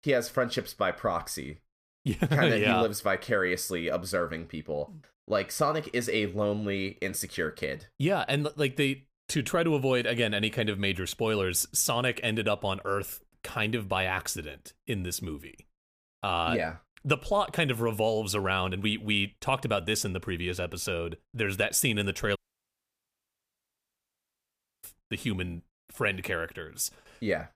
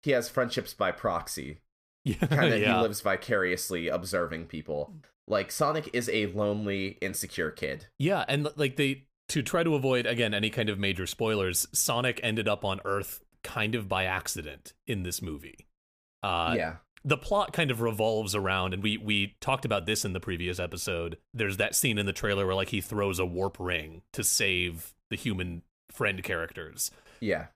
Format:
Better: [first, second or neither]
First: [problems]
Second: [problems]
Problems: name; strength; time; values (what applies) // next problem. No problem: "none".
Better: second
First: audio cutting out; at 22 s for 2.5 s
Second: none